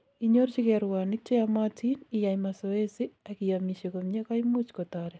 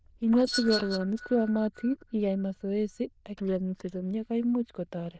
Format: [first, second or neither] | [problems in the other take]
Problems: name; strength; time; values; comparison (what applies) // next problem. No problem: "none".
first | noise reduction (neural diffusion model UNIVERSE++)